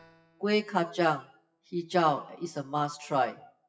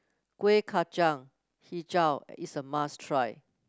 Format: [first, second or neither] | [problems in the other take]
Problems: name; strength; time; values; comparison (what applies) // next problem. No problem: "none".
second | noise reduction (classical method WPE with log-MMSE)